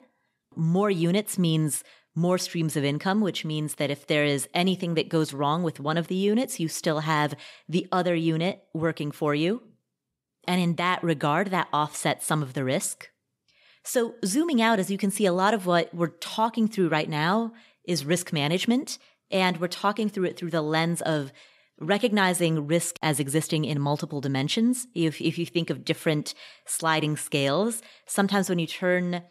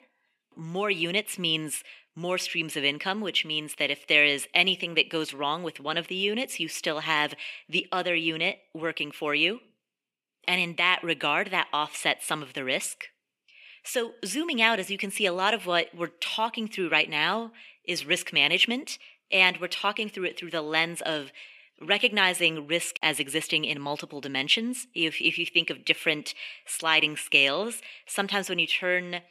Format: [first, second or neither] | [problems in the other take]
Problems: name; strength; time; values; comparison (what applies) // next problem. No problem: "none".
first | thin; somewhat; fading below 300 Hz